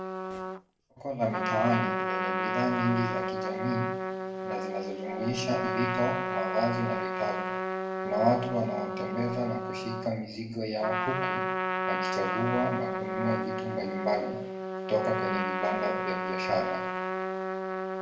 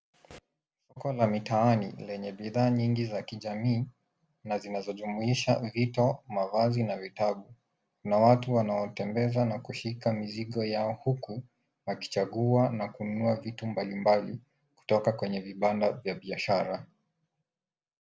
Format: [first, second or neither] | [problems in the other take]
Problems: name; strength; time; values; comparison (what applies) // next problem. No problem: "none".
second | background sound (Trumpet); as loud as the speech // room echo; dies away in 0.7 s